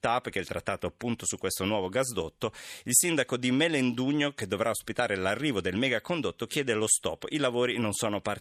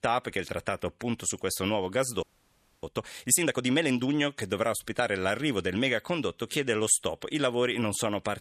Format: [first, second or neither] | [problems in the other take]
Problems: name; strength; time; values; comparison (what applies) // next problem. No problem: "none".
first | audio freezing; at 2 s for 0.5 s